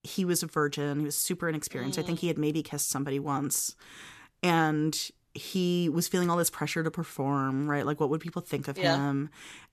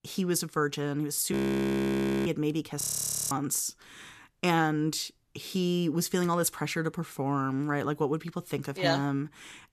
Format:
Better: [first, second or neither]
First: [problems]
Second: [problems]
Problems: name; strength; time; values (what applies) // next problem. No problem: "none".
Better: first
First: none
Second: audio freezing; at 1.5 s for 1 s and at 3 s for 0.5 s